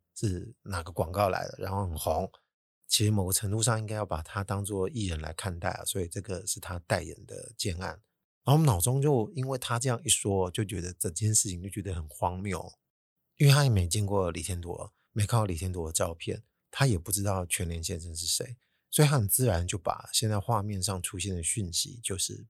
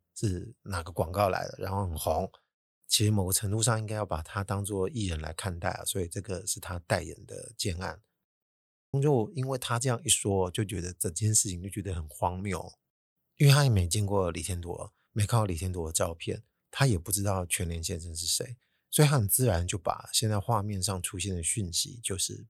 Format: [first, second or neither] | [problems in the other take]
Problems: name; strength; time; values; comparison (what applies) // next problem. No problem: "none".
first | audio cutting out; at 8.5 s for 0.5 s